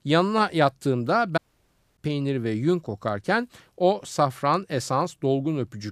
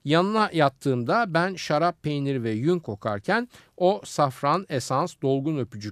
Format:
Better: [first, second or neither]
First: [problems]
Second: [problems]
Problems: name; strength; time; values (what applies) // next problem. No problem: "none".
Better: second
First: audio cutting out; at 1.5 s for 0.5 s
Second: none